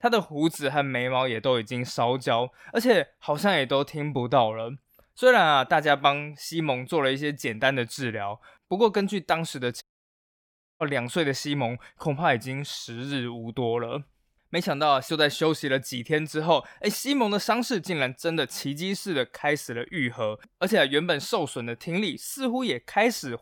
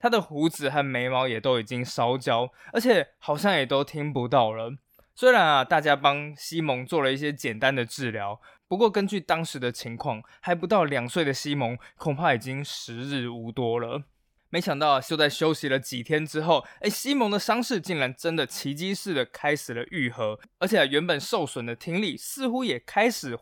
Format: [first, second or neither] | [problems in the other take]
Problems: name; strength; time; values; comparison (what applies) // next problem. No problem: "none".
second | audio cutting out; at 10 s for 1 s